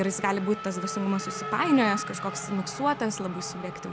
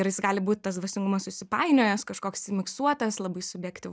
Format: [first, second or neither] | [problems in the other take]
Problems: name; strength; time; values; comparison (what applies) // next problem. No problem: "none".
second | background sound (Race car, auto racing / Accelerating, revving, vroom); 8 dB below the speech